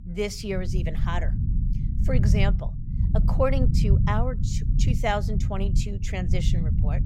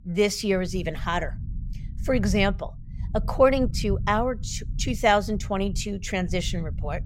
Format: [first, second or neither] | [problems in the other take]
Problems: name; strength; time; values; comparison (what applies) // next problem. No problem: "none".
second | low rumble; loud; throughout; 8 dB below the speech; faint in the second